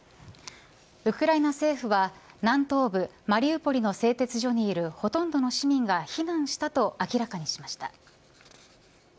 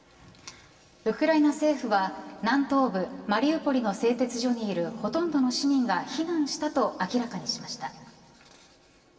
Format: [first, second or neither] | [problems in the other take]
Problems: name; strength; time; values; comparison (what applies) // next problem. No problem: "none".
first | room echo; dies away in 2.5 s